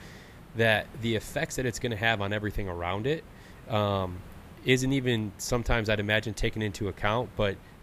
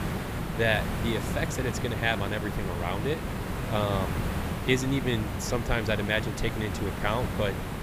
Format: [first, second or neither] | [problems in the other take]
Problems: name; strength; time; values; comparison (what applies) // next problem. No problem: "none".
first | hiss; loud; throughout; 3 dB below the speech; faint in the first